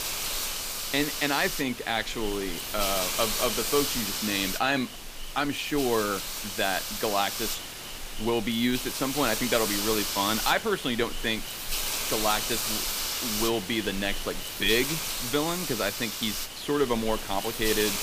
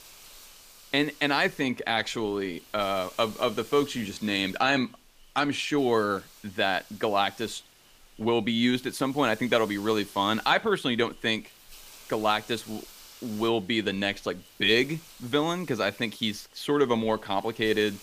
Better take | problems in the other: second | hiss; loud; throughout; 2 dB below the speech; faint in the second

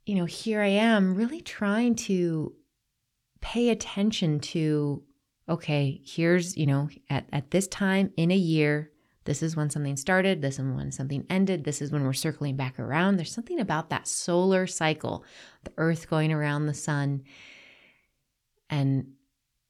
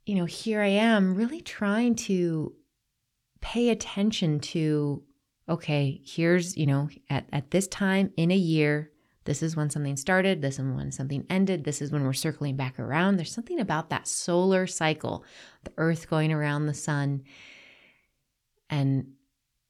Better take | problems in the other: neither | none

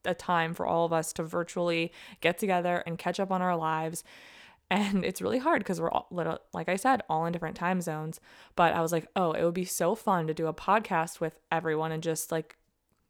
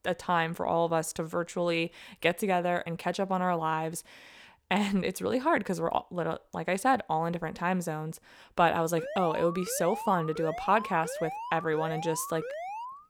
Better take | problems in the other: first | alarm; noticeable; from 9 s on; peak 8 dB below the speech

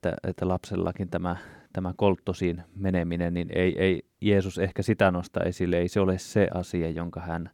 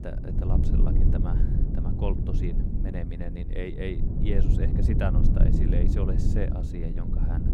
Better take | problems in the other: first | low rumble; loud; throughout; 1 dB below the speech

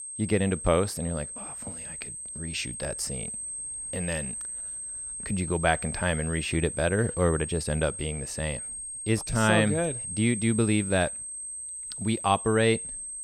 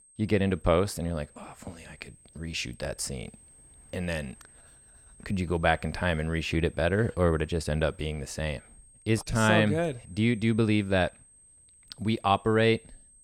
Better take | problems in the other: second | high-pitched whine; loud; throughout; 8.5 kHz, 7 dB below the speech; faint in the second

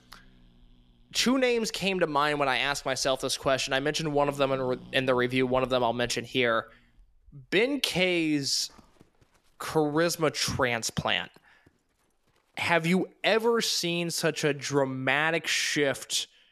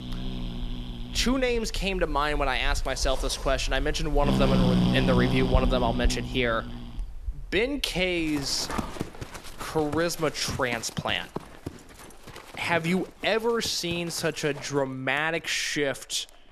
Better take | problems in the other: first | animal sounds; loud; throughout; 4 dB below the speech; faint in the first

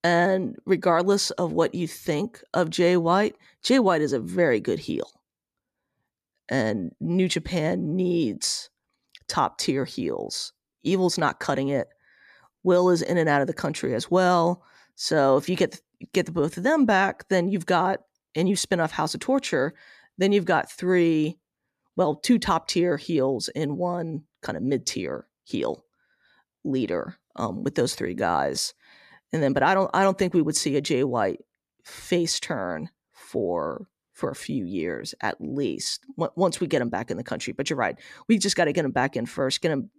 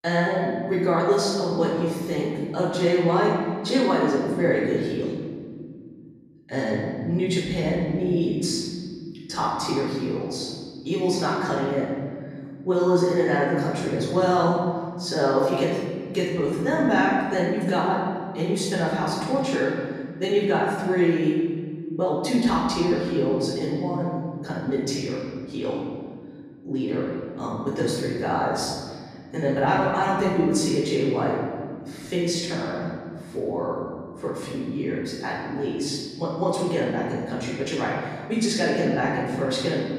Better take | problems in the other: first | off-mic speech; far // room echo; strong; dies away in 2.1 s

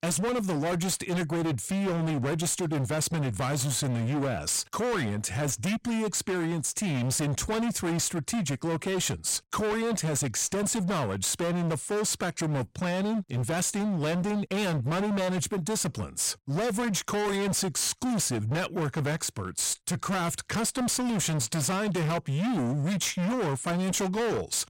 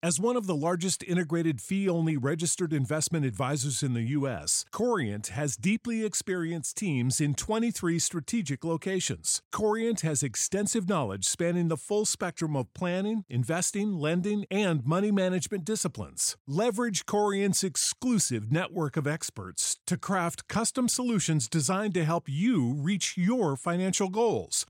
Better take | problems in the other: second | distortion; heavy; 40% of the sound clipped

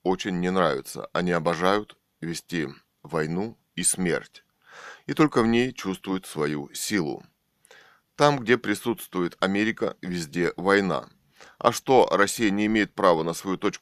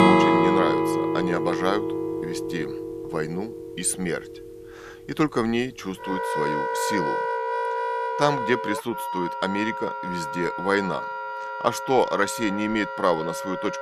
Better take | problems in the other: first | background music; loud; throughout; as loud as the speech

